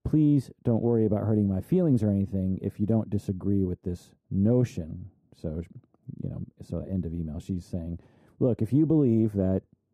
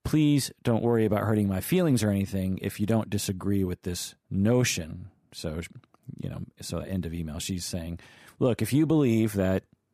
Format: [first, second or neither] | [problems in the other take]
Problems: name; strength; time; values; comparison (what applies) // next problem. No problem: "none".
second | muffled; very; fading above 1 kHz